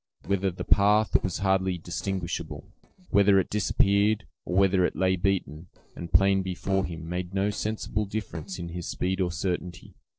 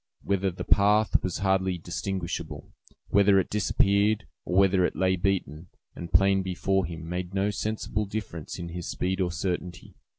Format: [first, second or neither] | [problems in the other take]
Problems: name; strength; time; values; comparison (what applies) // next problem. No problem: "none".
second | noise reduction (neural separator model SepFormer DNS4)